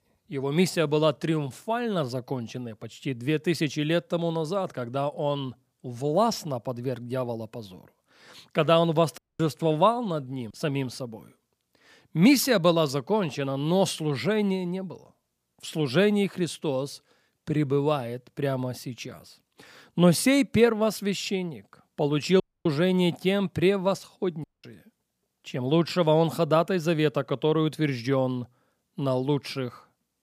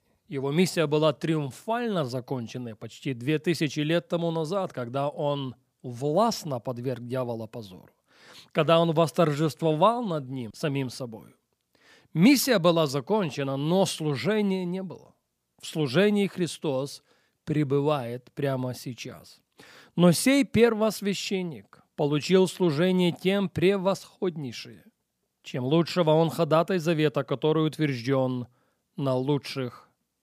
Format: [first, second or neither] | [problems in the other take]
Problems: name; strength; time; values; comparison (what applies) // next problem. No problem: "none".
second | audio cutting out; at 9 s, at 22 s and at 24 s